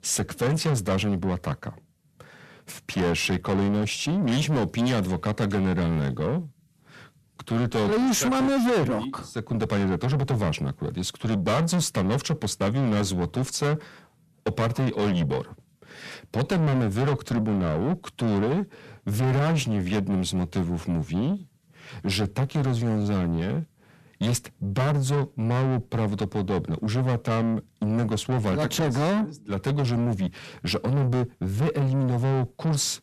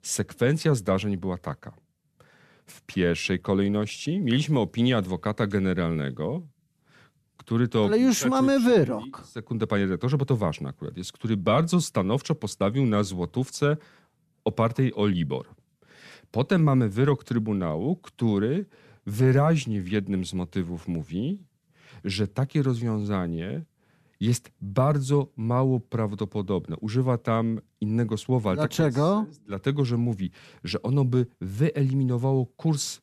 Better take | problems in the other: second | distortion; heavy; 7 dB below the speech

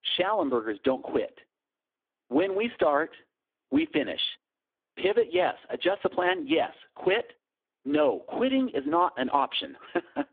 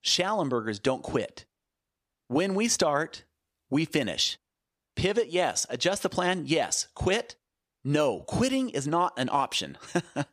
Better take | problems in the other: second | phone-call audio; poor line; nothing above 3.5 kHz

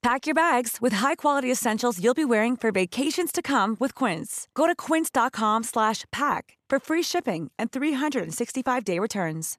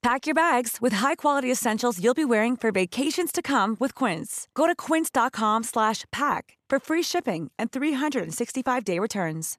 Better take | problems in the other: neither | none

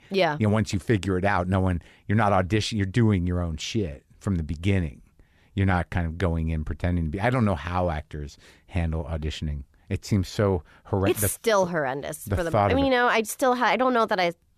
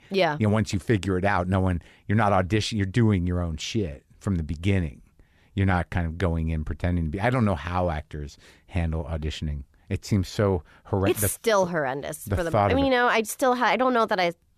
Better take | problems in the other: neither | none

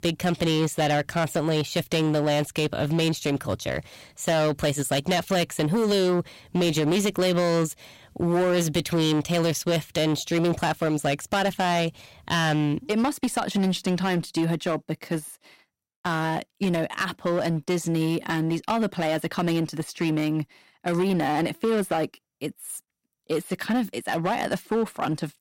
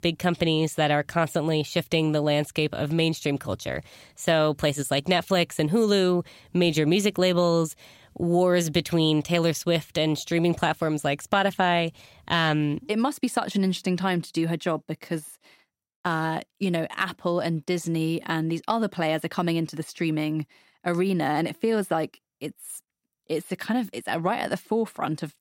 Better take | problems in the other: second | distortion; slight; 14% of the sound clipped

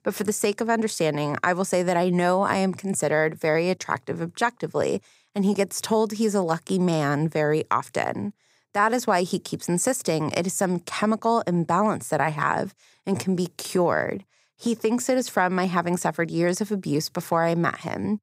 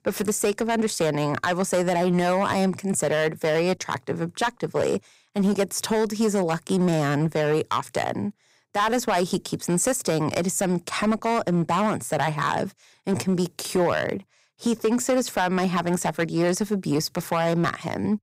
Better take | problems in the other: first | distortion; slight; 6% of the sound clipped

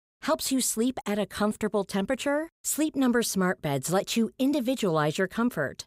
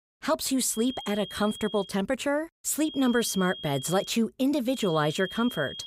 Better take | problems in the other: first | high-pitched whine; noticeable; from 1 to 2 s, from 3 to 4 s and from 5 s on; 3 kHz, 10 dB below the speech

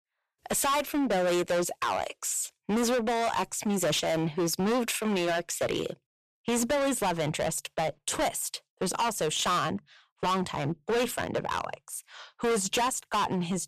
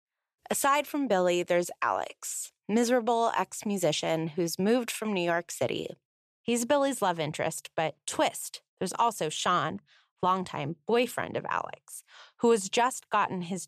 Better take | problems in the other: second | distortion; heavy; 17% of the sound clipped

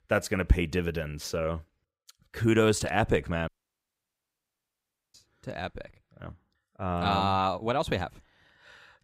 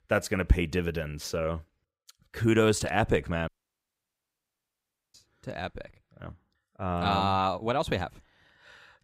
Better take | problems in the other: neither | audio cutting out; at 3.5 s for 1.5 s; the same in both

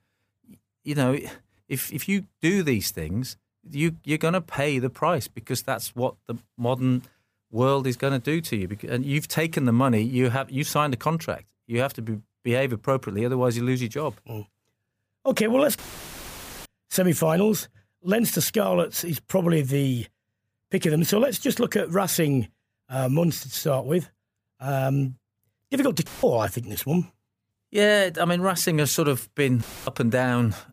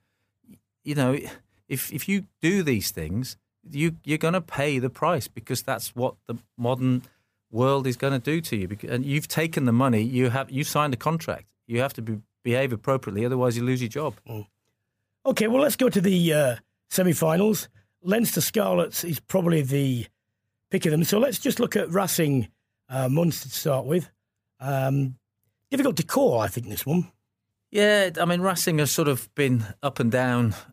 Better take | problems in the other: second | audio cutting out; filled with static; at 16 s for 1 s, at 26 s and at 30 s

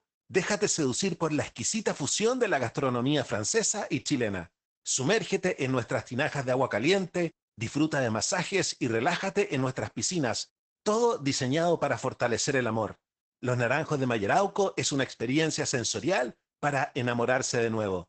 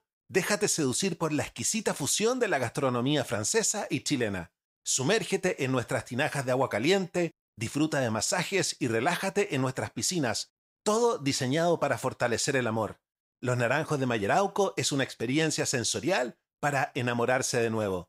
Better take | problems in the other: second | garbled, watery; badly; nothing above 8 kHz

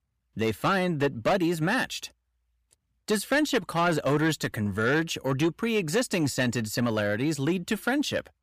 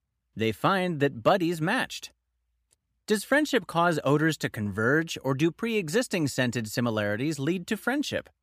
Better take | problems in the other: second | distortion; slight; 10 dB below the speech

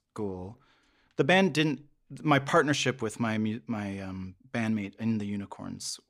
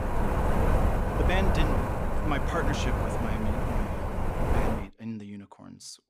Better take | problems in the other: first | wind noise on the microphone; heavy; until 5 s; 4 dB above the speech

